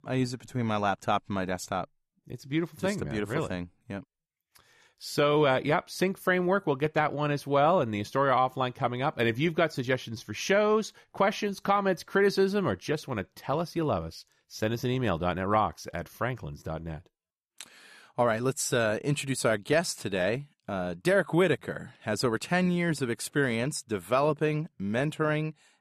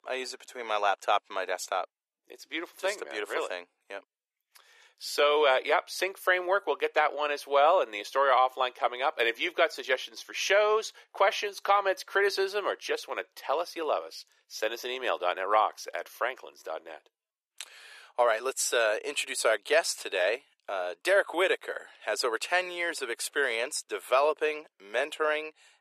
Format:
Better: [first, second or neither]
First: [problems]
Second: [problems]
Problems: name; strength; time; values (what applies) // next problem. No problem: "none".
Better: first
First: none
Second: thin; very; fading below 450 Hz